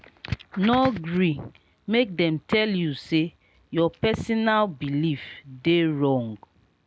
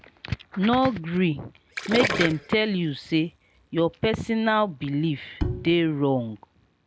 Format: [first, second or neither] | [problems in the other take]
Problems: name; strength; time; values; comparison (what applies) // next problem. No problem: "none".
first | background sound (Bowed string instrument + Gurgling); 8 dB below the speech